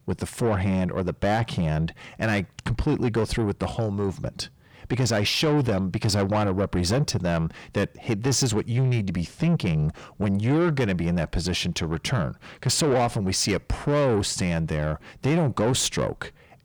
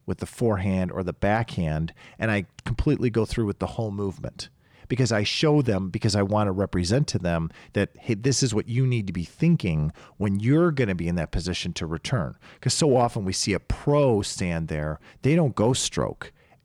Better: second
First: distortion; slight; 10 dB below the speech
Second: none

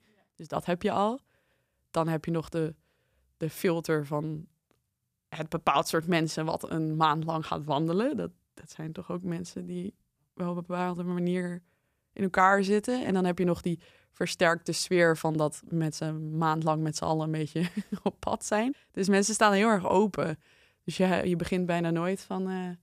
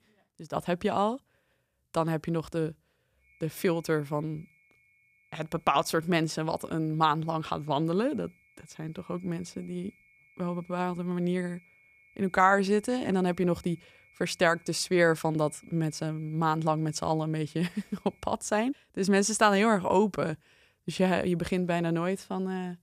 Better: first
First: none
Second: high-pitched whine; faint; from 3 to 18 s; 2 kHz, 30 dB below the speech

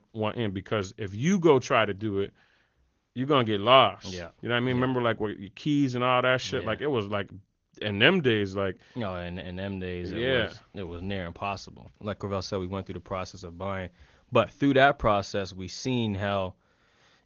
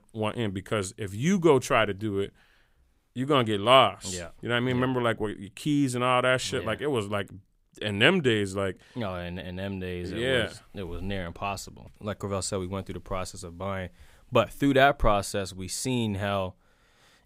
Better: second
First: garbled, watery; slightly; nothing above 6.5 kHz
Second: none

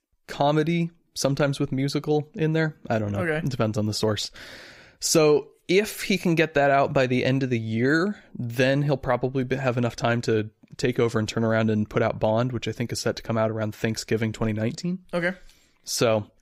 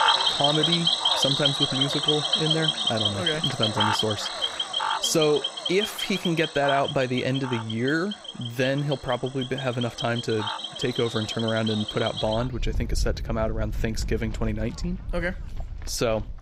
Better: first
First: none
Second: animal sounds; very loud; throughout; 1 dB above the speech

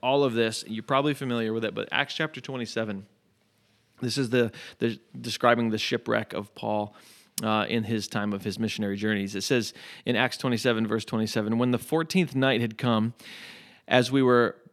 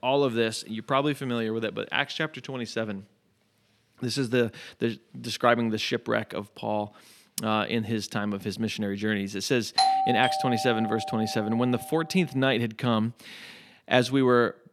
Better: first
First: none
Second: doorbell; loud; from 10 to 11 s; peak 5 dB above the speech

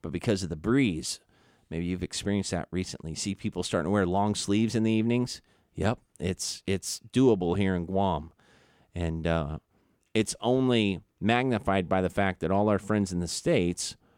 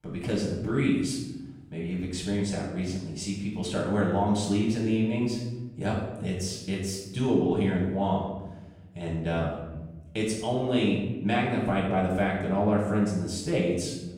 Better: first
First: none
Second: off-mic speech; far // room echo; noticeable; dies away in 1 s

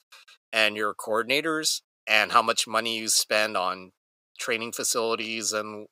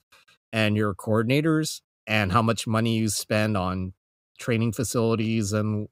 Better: second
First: thin; very; fading below 600 Hz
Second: none

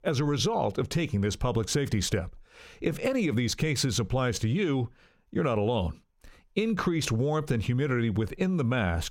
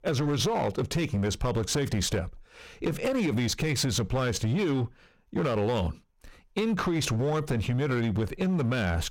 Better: first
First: none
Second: distortion; slight; 13% of the sound clipped

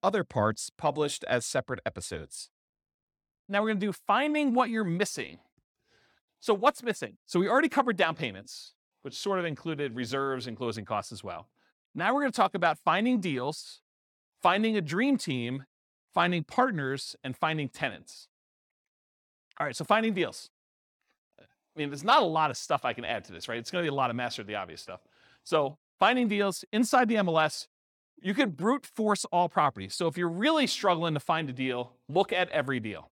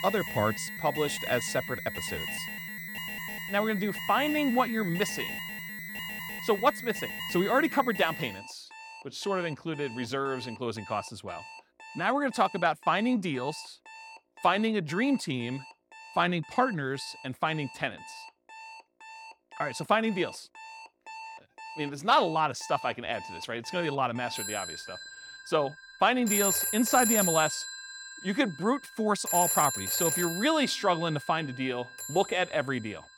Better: first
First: none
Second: alarms or sirens; loud; throughout; 5 dB below the speech

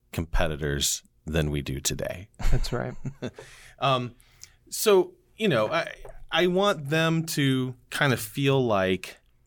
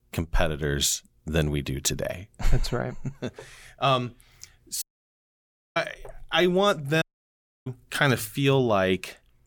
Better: first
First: none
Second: audio cutting out; at 5 s for 1 s and at 7 s for 0.5 s

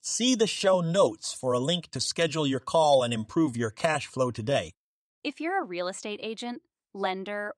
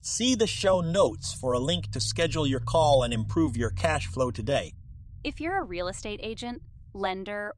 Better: first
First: none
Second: low rumble; faint; throughout; 25 dB below the speech

